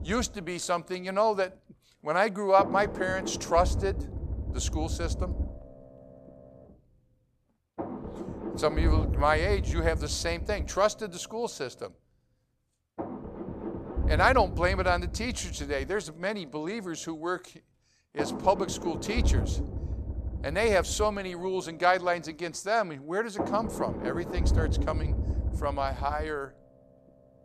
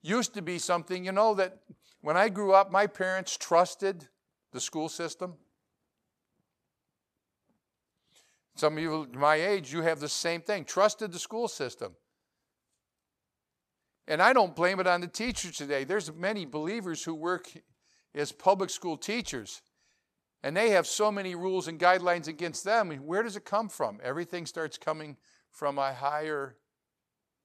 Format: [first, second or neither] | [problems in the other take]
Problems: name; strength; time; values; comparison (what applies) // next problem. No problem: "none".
second | low rumble; noticeable; throughout; 15 dB below the speech